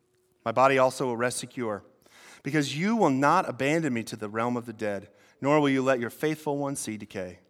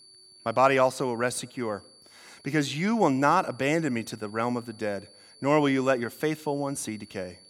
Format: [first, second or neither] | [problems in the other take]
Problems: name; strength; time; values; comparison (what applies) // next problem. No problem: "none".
first | high-pitched whine; faint; throughout; 4.5 kHz, 25 dB below the speech